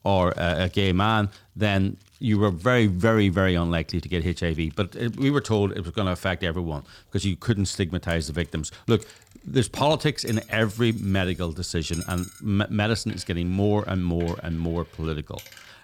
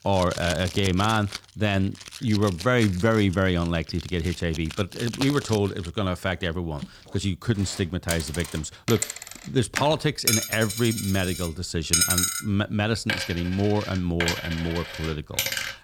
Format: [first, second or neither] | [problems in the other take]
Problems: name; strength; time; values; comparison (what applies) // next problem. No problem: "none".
first | household noises; loud; throughout; 3 dB below the speech; faint in the first